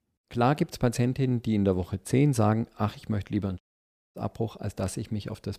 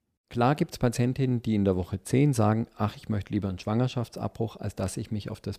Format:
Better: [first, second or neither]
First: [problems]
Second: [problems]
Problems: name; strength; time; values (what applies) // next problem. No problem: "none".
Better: second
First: audio cutting out; at 3.5 s for 0.5 s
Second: none